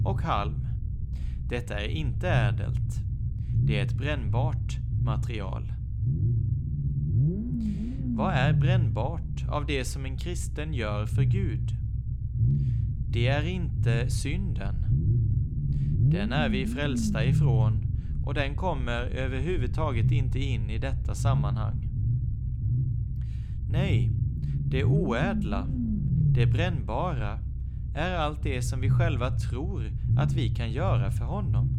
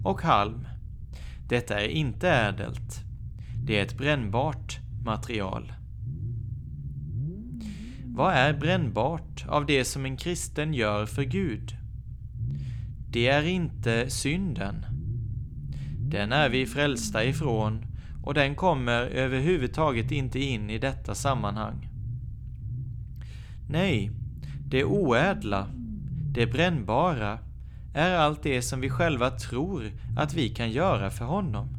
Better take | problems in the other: second | low rumble; loud; throughout; 7 dB below the speech; faint in the second

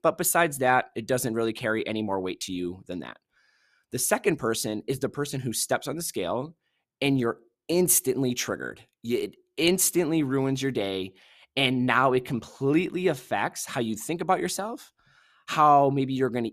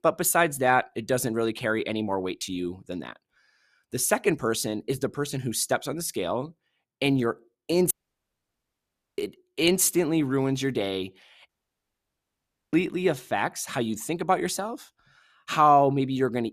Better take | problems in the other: first | audio cutting out; at 8 s for 1.5 s and at 11 s for 1 s

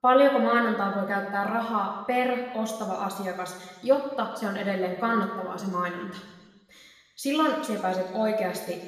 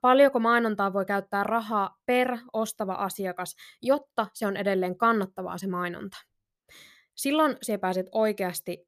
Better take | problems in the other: second | room echo; noticeable; dies away in 1.2 s // off-mic speech; far

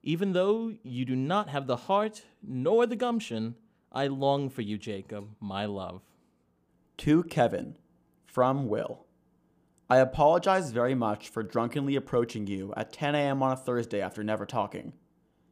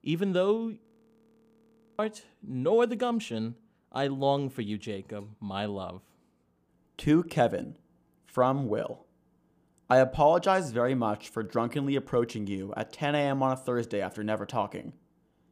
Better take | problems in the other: first | audio freezing; at 1 s for 1 s

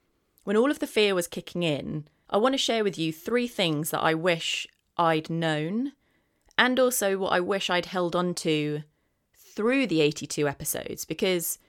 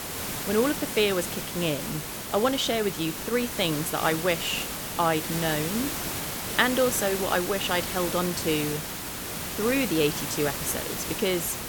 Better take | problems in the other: first | hiss; loud; throughout; 4 dB below the speech

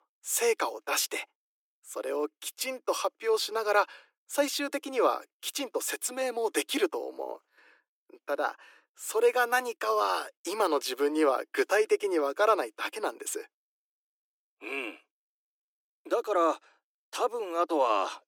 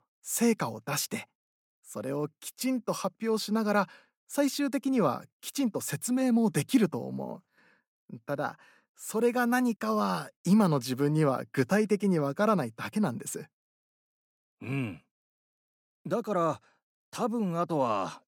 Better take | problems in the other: second | thin; very; fading below 300 Hz

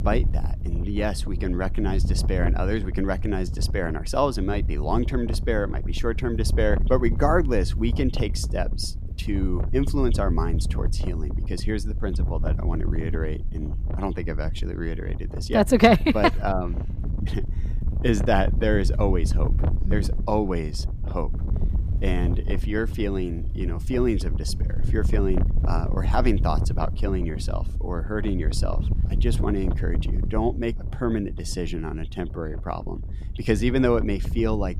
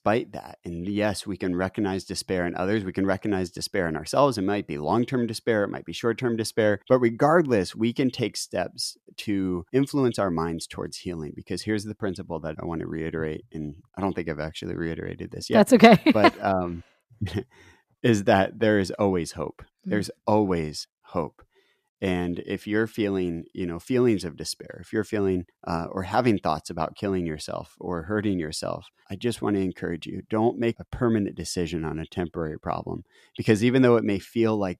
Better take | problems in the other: second | wind noise on the microphone; occasional gusts; 15 dB below the speech

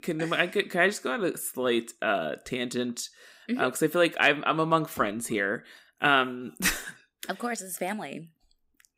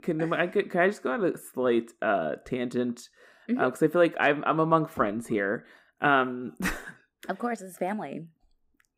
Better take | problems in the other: first | muffled; slightly; fading above 2 kHz

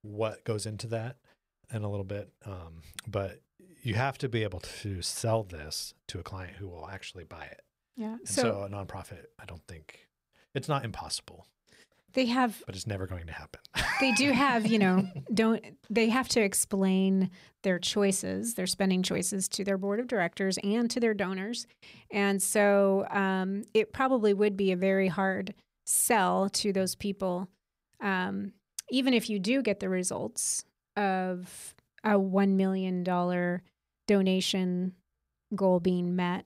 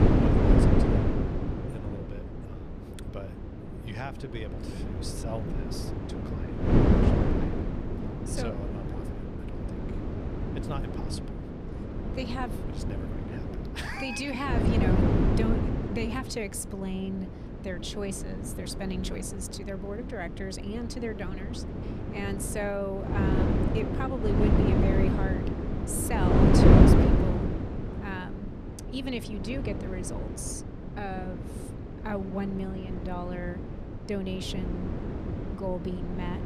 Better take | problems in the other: first | wind noise on the microphone; heavy; 3 dB above the speech

